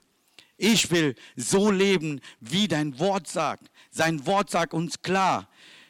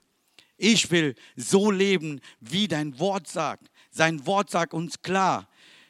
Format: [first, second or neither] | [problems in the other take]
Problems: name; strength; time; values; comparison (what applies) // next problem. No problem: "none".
second | distortion; slight; 10 dB below the speech